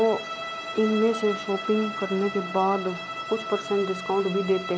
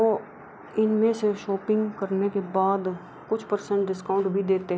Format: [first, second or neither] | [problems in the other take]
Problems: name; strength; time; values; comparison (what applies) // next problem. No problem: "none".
second | background sound (Bowed string instrument); 9 dB below the speech